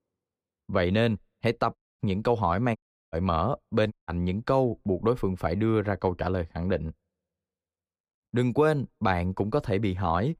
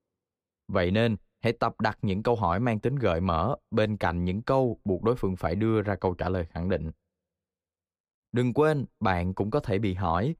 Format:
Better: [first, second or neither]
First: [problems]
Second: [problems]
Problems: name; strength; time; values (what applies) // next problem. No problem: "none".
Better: second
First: audio cutting out; at 2 s, at 3 s and at 4 s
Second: none